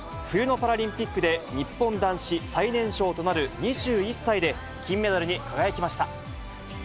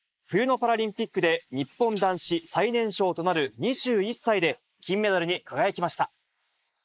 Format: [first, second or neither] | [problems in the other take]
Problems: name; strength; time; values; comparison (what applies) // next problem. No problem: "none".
first | noise reduction (neural mask model Resemble Enhance denoiser)